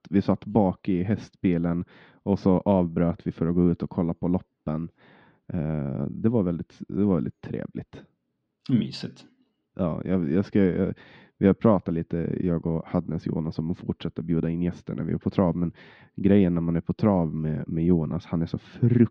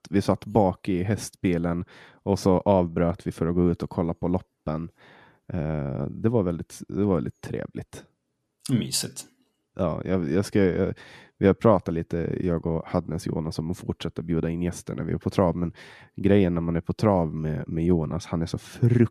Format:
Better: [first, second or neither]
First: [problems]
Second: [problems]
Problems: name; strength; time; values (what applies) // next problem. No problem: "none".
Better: second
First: muffled; slightly; fading above 4 kHz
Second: none